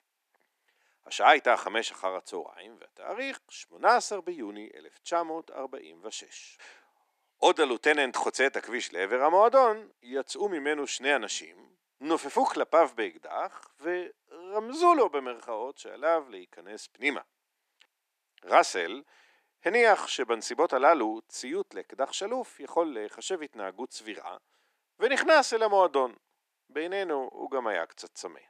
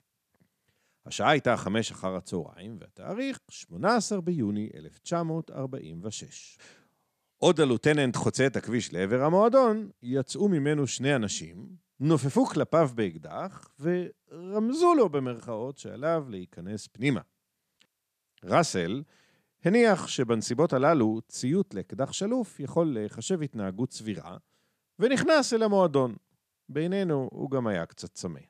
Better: second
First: thin; very; fading below 300 Hz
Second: none

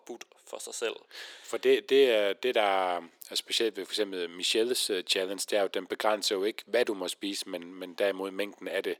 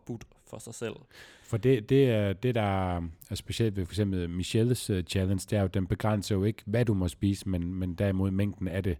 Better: second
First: thin; very; fading below 400 Hz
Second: none

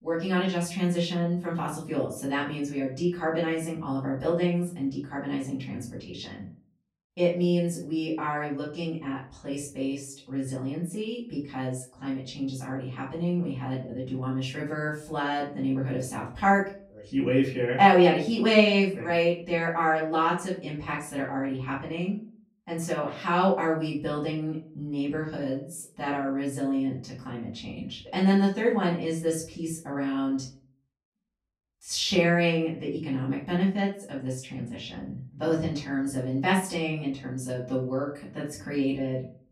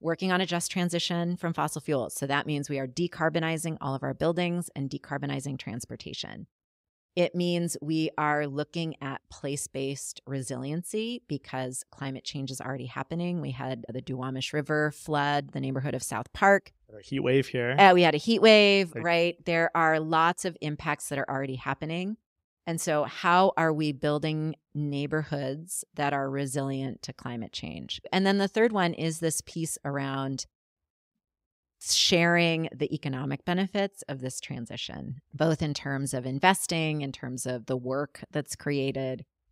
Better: second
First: off-mic speech; far // room echo; slight; dies away in 0.4 s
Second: none

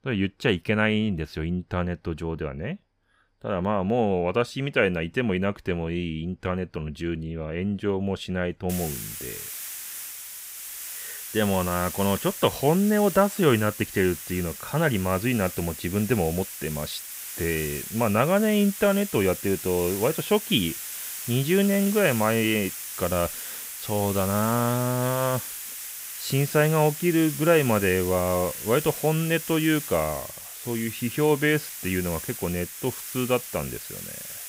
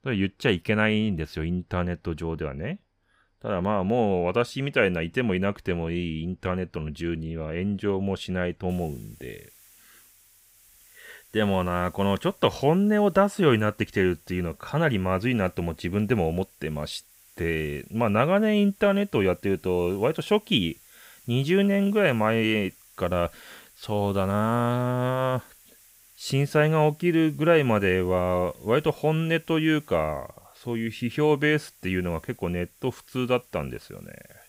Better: second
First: hiss; loud; from 8.5 s on; 8 dB below the speech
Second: hiss; faint; from 8.5 s on; 25 dB below the speech

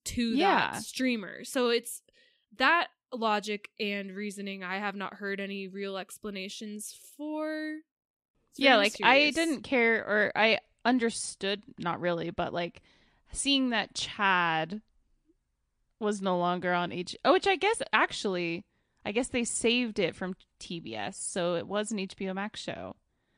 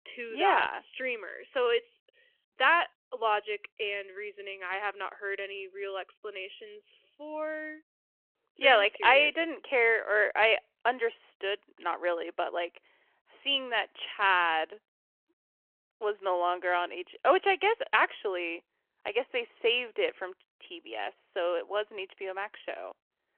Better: first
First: none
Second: phone-call audio

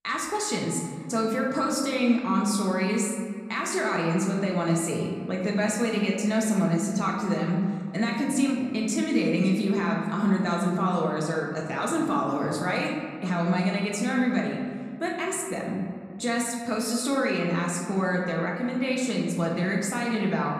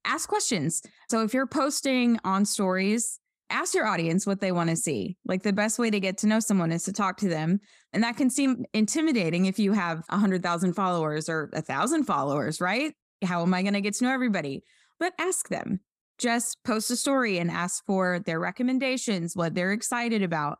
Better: second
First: room echo; noticeable; dies away in 1.7 s // off-mic speech; somewhat distant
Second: none

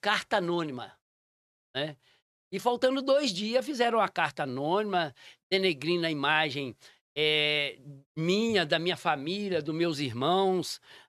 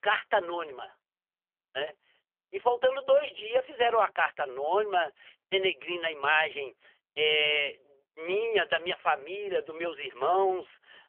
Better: first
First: none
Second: phone-call audio; poor line; nothing above 3 kHz

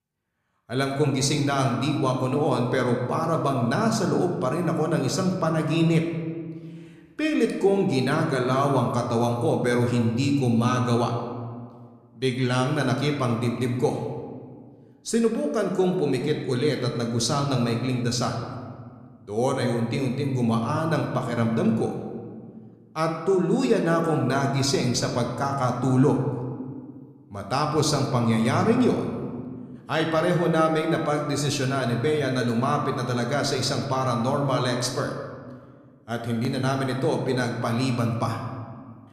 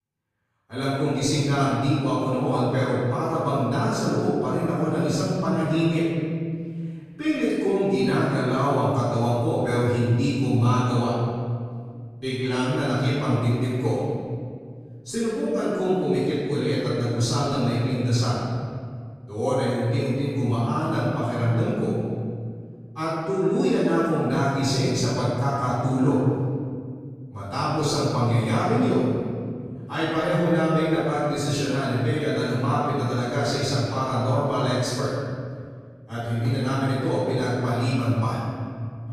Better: first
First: room echo; slight; dies away in 1.4 s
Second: room echo; strong; dies away in 2.2 s // off-mic speech; far

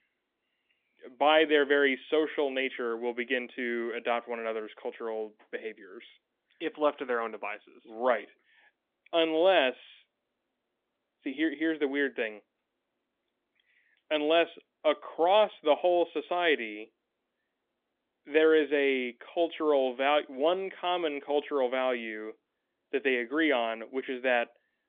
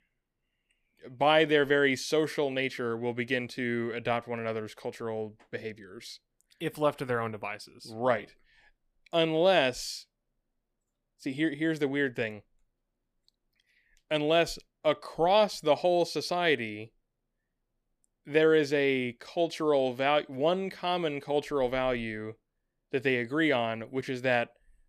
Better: second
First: phone-call audio; nothing above 3.5 kHz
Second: none

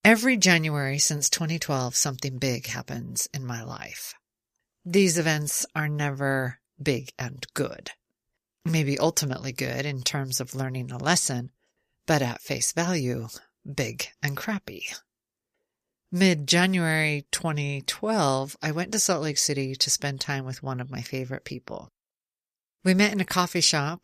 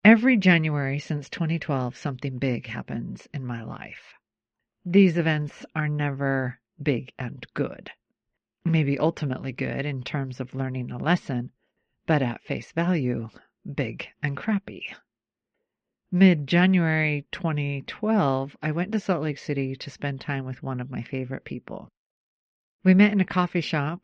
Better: first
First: none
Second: muffled; very; fading above 3 kHz

